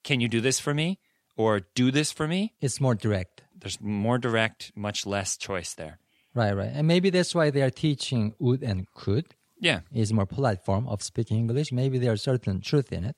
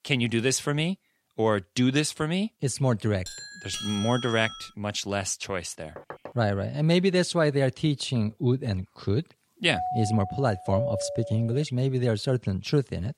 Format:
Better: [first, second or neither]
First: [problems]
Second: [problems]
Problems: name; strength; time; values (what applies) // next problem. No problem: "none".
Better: first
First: none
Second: doorbell; noticeable; from 3.5 to 4.5 s and from 9.5 to 12 s; peak 3 dB below the speech // door banging; faint; at 6 s; peak 15 dB below the speech